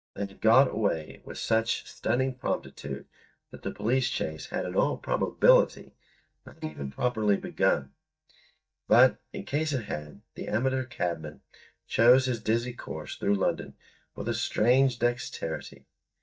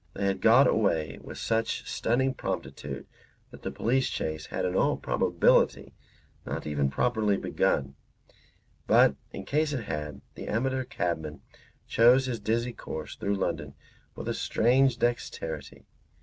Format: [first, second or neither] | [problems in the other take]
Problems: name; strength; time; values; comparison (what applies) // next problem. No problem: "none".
second | noise reduction (neural mask model DeepFilterNet 3)